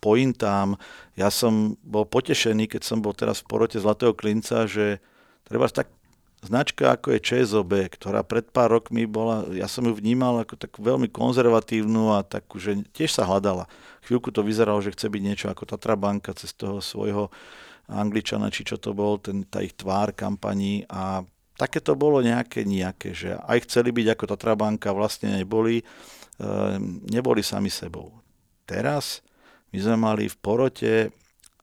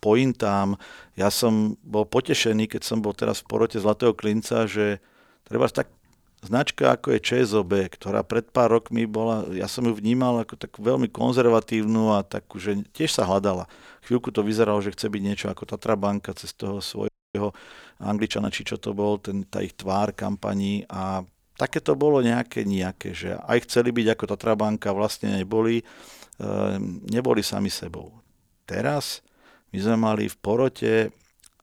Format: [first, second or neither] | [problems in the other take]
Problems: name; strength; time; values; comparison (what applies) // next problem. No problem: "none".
first | audio freezing; at 17 s